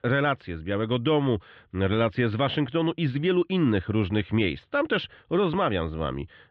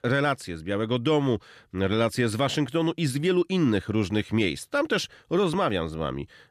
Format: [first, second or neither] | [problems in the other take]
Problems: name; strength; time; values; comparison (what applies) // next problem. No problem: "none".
second | muffled; very; fading above 3.5 kHz